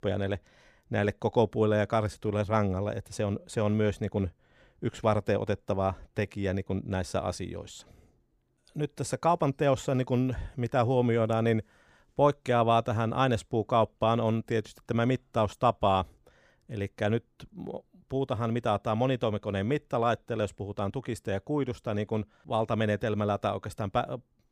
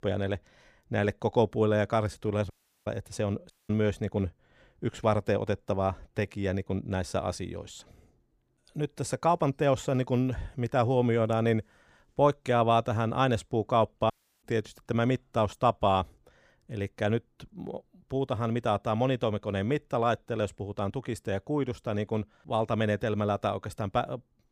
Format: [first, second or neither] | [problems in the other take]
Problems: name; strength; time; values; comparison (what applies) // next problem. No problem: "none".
first | audio cutting out; at 2.5 s, at 3.5 s and at 14 s